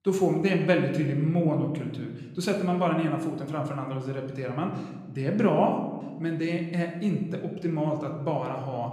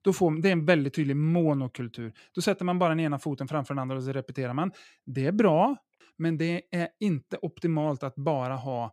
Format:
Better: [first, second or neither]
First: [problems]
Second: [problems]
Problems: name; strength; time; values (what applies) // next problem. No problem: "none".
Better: second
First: room echo; slight; dies away in 1 s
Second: none